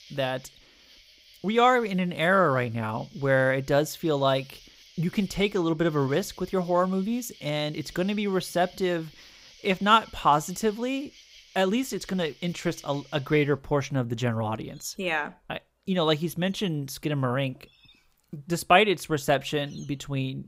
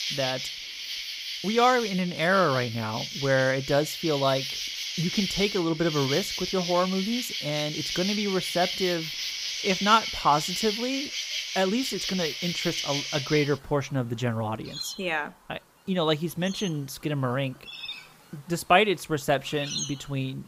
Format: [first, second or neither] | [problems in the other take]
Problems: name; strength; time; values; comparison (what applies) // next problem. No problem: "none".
first | animal sounds; loud; throughout; 4 dB below the speech; faint in the first